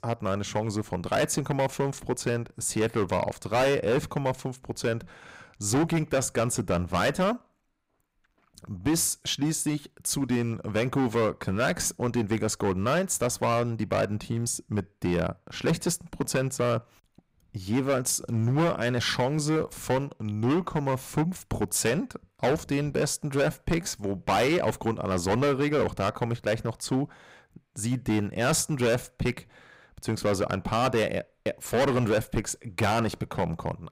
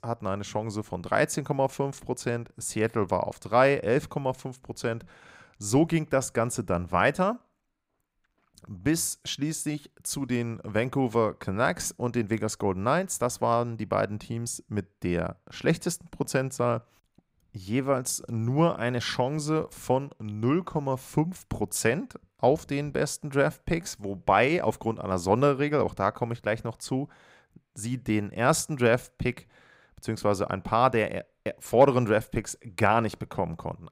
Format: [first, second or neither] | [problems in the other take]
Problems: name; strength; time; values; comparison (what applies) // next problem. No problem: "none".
second | distortion; heavy; 10% of the sound clipped